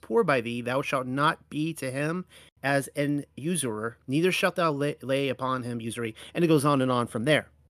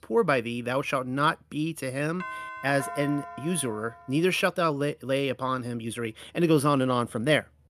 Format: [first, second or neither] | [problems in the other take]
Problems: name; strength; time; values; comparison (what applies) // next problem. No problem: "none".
first | doorbell; noticeable; from 2 to 4 s; peak 9 dB below the speech